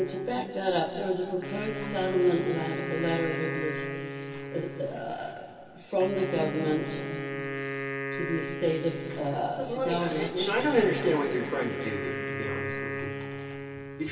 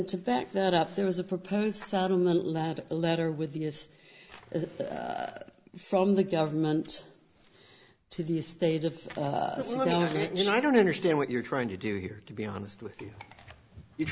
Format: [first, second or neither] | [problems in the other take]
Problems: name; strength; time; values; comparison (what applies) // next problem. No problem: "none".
second | background sound (Wind instrument, woodwind instrument); 6 dB below the speech // room echo; dies away in 2.5 s